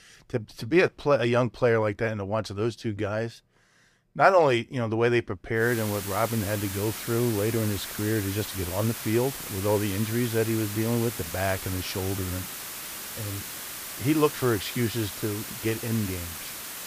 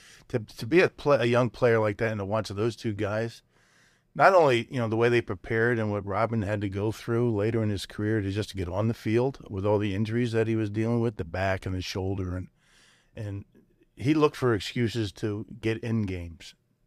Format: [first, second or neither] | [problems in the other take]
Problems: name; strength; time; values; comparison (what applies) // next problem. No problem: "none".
second | hiss; loud; from 5.5 s on; 8 dB below the speech